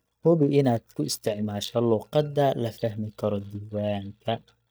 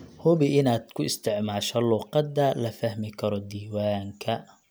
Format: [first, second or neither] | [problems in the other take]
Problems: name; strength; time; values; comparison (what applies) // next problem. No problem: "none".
second | noise reduction (neural mask model DeepFilterNet 3)